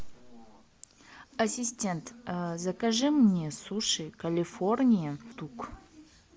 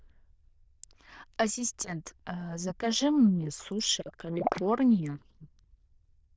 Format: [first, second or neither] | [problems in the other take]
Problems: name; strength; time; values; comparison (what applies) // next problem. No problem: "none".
first | noise reduction (neural diffusion model UNIVERSE++)